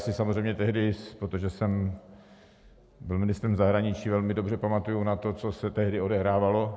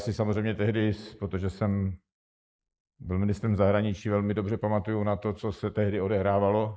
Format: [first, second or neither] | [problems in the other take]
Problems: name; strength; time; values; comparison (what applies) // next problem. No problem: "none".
first | noise reduction (neural mask model Resemble Enhance denoiser)